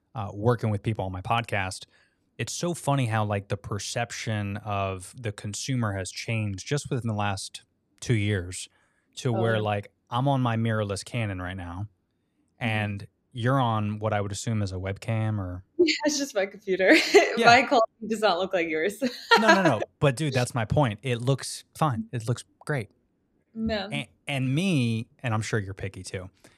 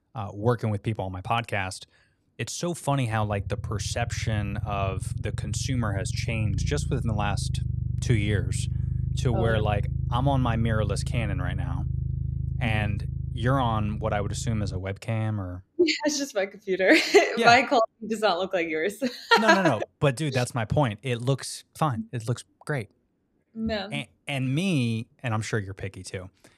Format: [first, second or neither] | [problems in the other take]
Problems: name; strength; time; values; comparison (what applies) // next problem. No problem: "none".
first | low rumble; noticeable; until 15 s; 15 dB below the speech